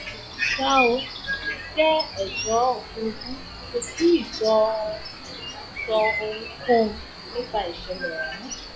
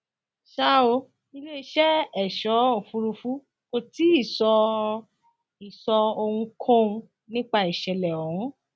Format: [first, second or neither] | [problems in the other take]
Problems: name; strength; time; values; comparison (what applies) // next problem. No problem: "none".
second | noise reduction (classical method log-MMSE)